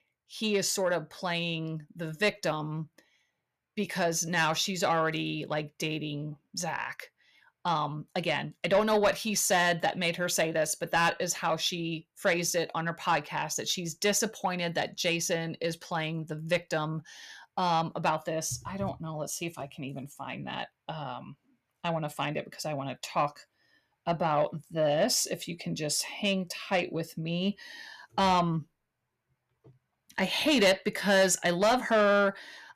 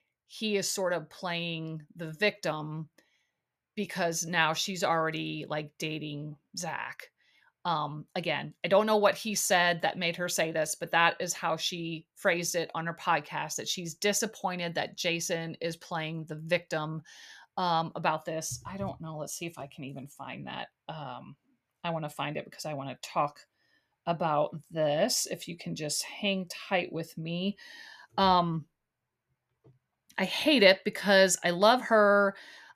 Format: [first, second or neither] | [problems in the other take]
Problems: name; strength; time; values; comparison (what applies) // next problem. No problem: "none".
second | distortion; slight; 10 dB below the speech